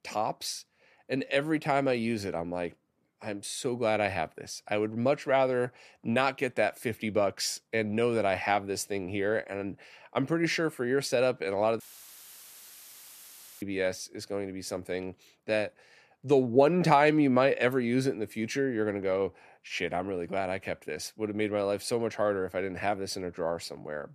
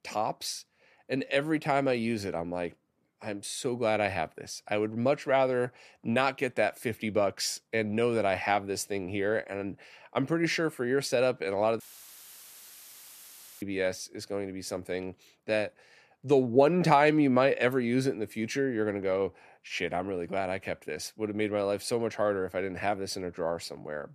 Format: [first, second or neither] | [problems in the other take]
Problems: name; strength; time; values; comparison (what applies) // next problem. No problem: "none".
neither | audio cutting out; filled with static; at 12 s for 2 s; the same in both